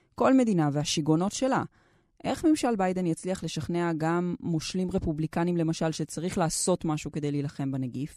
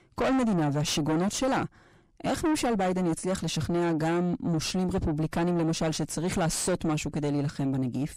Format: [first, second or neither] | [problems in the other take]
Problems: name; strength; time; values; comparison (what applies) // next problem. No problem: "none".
first | distortion; heavy; 4 dB below the speech